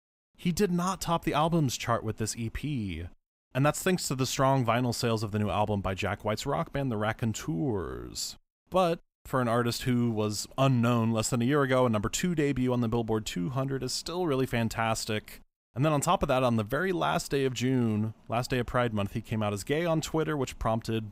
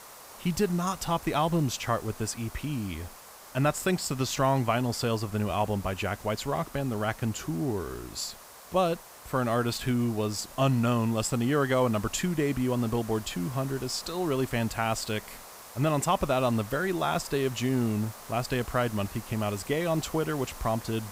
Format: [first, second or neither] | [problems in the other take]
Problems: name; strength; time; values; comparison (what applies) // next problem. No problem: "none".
first | hiss; noticeable; throughout; 15 dB below the speech